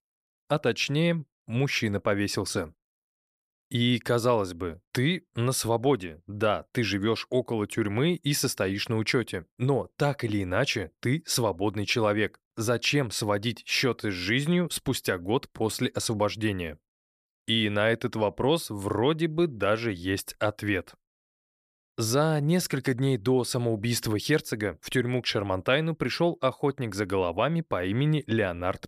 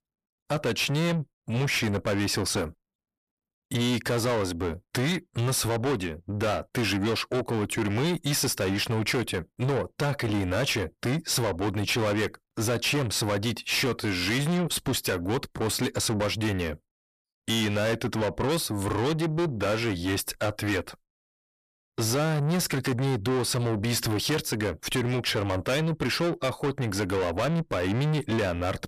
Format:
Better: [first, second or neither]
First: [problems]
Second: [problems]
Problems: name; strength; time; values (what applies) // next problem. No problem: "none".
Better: first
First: none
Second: distortion; heavy; 6 dB below the speech